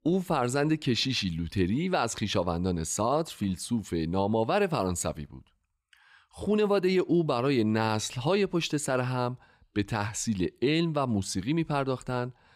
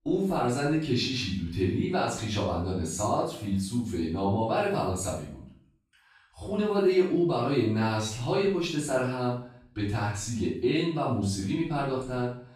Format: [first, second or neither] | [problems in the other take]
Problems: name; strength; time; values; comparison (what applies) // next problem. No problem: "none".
first | off-mic speech; far // room echo; noticeable; dies away in 0.5 s